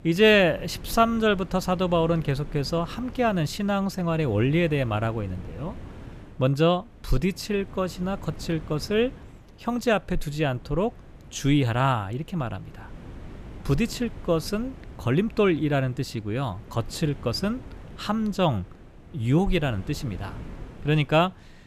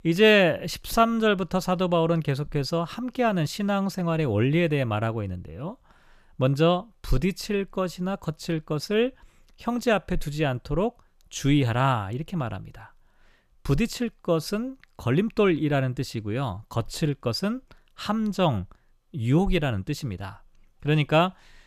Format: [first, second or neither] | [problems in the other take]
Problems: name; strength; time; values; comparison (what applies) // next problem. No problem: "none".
second | wind noise on the microphone; occasional gusts; 25 dB below the speech